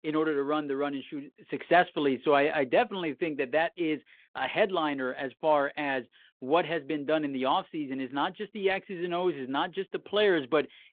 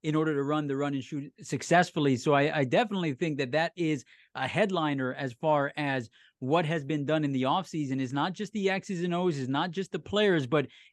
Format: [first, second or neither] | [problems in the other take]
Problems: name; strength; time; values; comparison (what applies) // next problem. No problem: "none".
second | phone-call audio